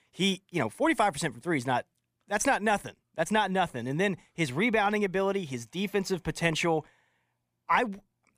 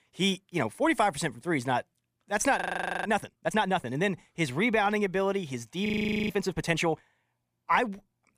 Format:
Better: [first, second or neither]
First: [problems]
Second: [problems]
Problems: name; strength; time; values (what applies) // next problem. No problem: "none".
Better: first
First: none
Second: audio freezing; at 2.5 s and at 6 s